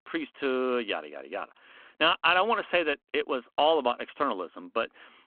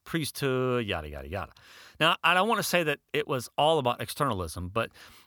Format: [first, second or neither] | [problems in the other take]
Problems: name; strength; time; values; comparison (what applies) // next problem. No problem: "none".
second | phone-call audio